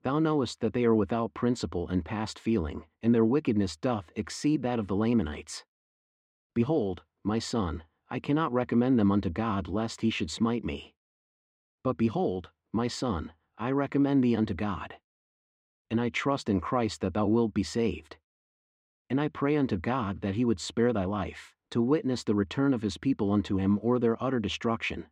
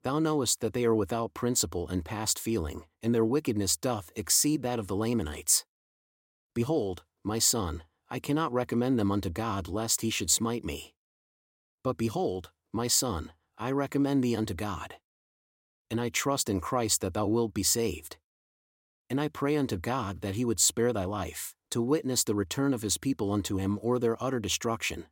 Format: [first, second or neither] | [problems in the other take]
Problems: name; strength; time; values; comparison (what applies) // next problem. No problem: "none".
second | muffled; slightly; fading above 2.5 kHz